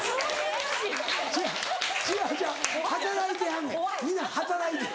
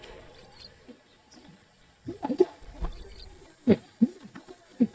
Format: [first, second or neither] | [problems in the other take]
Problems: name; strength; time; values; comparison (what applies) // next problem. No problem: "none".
first | noise reduction (neural mask model DeepFilterNet 3)